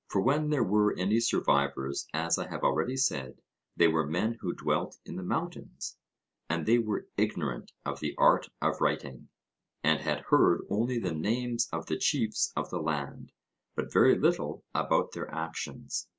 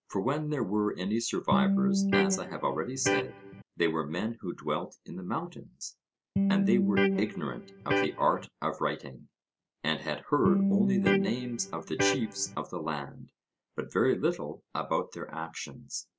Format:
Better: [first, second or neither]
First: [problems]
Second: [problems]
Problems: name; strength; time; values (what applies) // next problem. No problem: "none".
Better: first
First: none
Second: background sound (Electric guitar); 4 dB above the speech